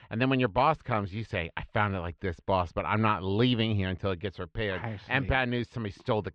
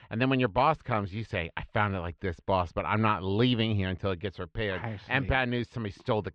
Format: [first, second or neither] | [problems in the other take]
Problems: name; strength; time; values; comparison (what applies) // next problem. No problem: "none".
neither | muffled; slightly; fading above 3.5 kHz; the same in both